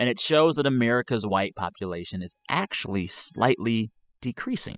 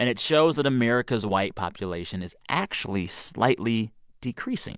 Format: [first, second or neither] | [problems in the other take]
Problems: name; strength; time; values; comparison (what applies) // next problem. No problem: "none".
second | noise reduction (classical method spectral subtraction)